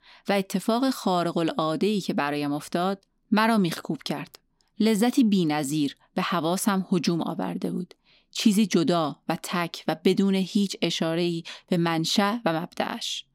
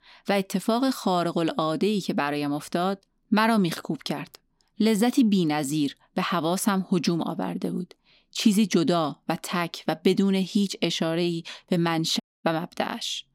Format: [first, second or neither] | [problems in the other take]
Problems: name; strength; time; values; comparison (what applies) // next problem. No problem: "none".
first | audio cutting out; at 12 s